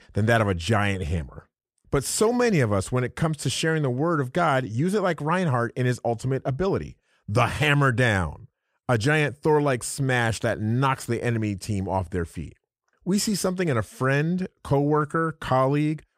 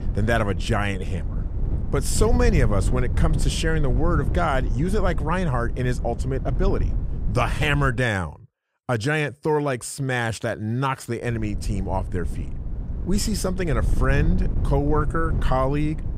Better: first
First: none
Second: wind noise on the microphone; occasional gusts; until 8 s and from 11 s on; 15 dB below the speech

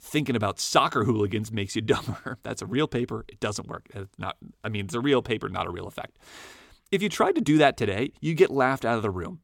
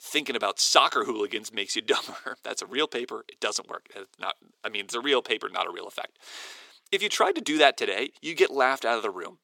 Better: first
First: none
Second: thin; somewhat; fading below 400 Hz

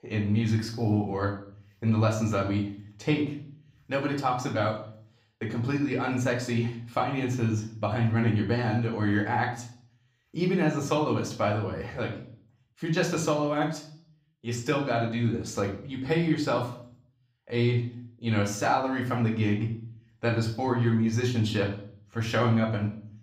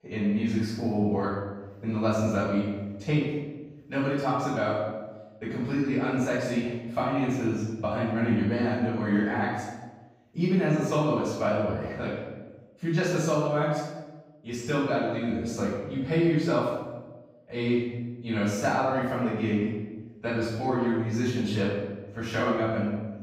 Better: first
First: room echo; slight; dies away in 0.5 s // off-mic speech; somewhat distant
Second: room echo; strong; dies away in 1.1 s // off-mic speech; far

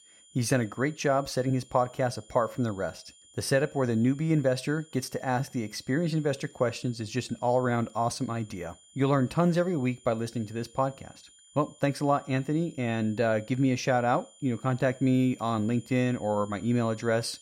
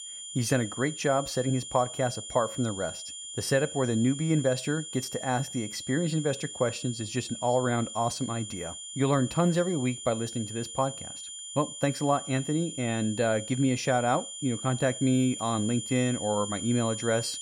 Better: first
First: high-pitched whine; faint; throughout; 7 kHz, 25 dB below the speech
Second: high-pitched whine; loud; throughout; 7 kHz, 9 dB below the speech

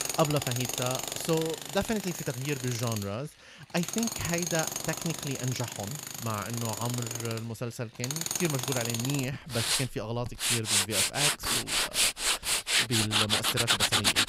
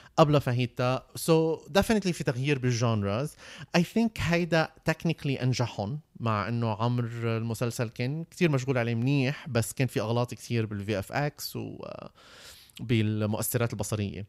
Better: second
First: machinery noise; very loud; throughout; 4 dB above the speech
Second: none

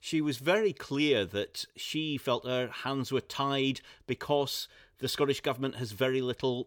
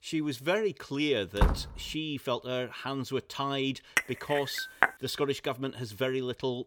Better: first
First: none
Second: door banging; loud; at 1.5 s; peak 3 dB above the speech // clattering dishes; loud; at 4 s; peak 5 dB above the speech

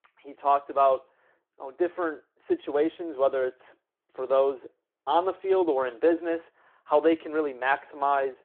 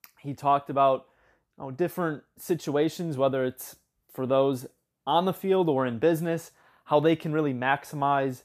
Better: second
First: phone-call audio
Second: none

